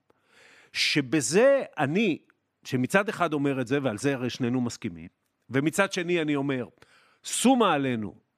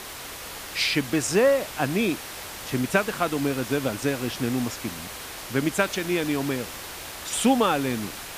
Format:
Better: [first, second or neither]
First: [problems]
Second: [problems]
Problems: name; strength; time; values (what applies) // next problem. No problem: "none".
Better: first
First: none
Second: hiss; noticeable; throughout; 10 dB below the speech